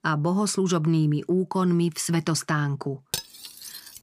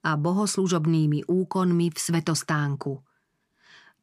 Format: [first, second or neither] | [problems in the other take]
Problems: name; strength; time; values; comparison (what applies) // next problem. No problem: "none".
second | clattering dishes; noticeable; at 3 s; peak 7 dB below the speech